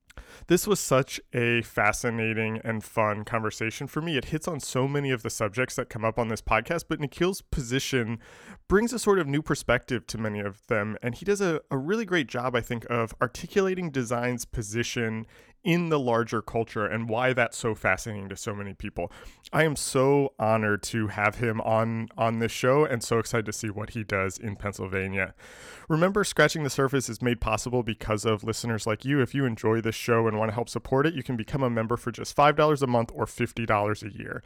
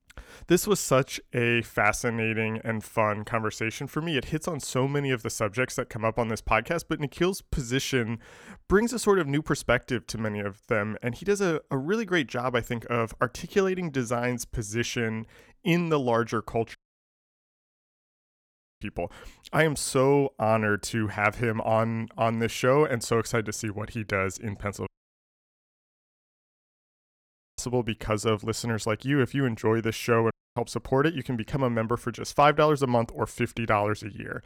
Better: first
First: none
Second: audio cutting out; at 17 s for 2 s, at 25 s for 2.5 s and at 30 s

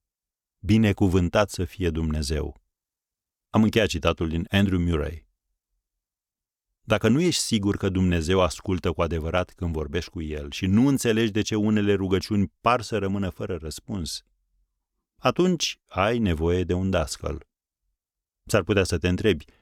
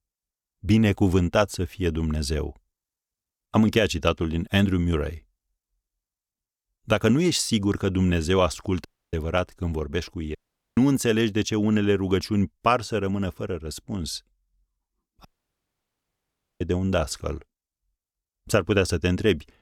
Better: first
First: none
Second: audio cutting out; at 9 s, at 10 s and at 15 s for 1.5 s

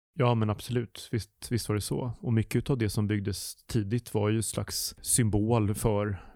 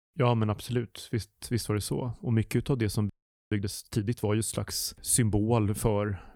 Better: first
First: none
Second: audio freezing; at 3 s

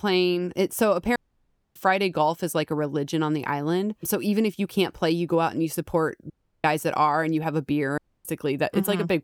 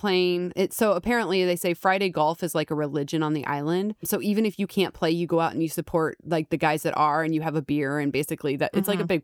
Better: second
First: audio cutting out; at 1 s for 0.5 s, at 6.5 s and at 8 s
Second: none

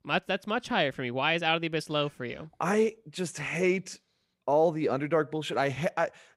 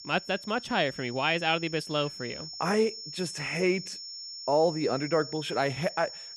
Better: first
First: none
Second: high-pitched whine; noticeable; throughout; 5.5 kHz, 10 dB below the speech

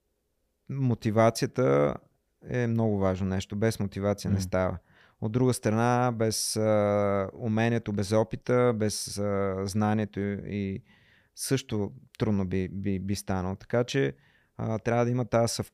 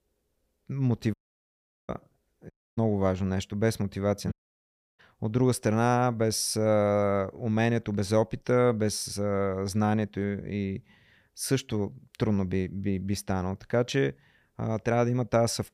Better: first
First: none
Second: audio cutting out; at 1 s for 0.5 s, at 2.5 s and at 4.5 s for 0.5 s

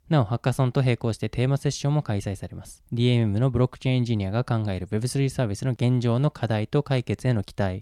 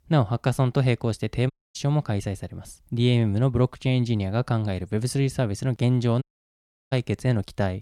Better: first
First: none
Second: audio cutting out; at 1.5 s and at 6 s for 0.5 s

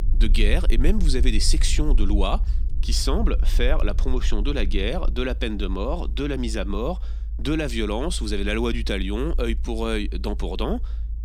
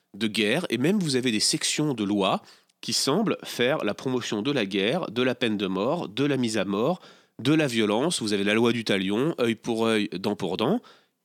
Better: second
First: low rumble; faint; throughout; 20 dB below the speech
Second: none

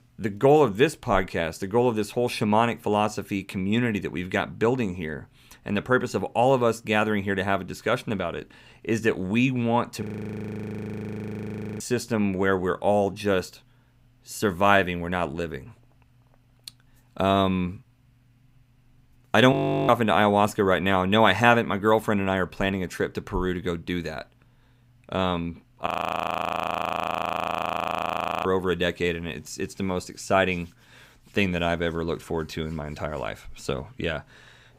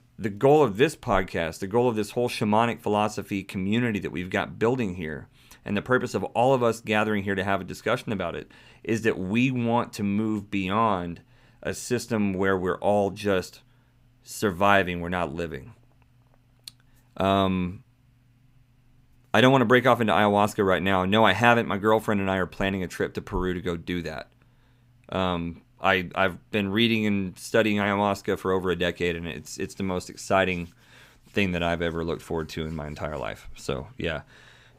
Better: second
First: audio freezing; at 10 s for 2 s, at 20 s and at 26 s for 2.5 s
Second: none

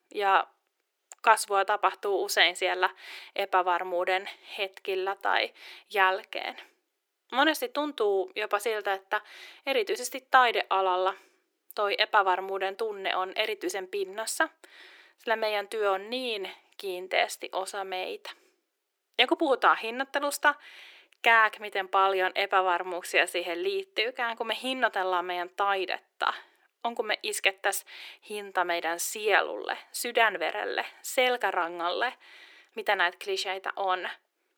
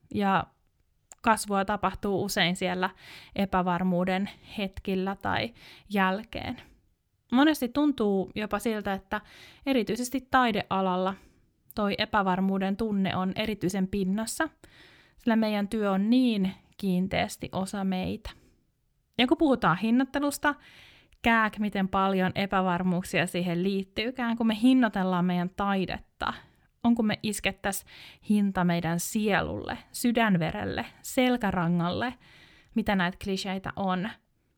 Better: second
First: thin; very; fading below 350 Hz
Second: none

